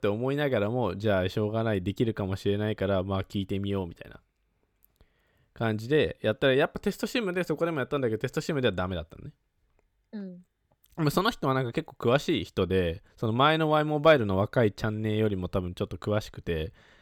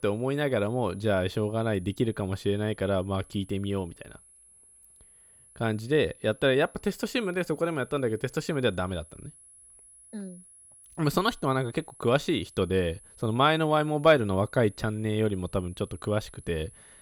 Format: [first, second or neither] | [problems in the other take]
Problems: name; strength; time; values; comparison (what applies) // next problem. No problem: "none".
first | high-pitched whine; faint; throughout; 10.5 kHz, 25 dB below the speech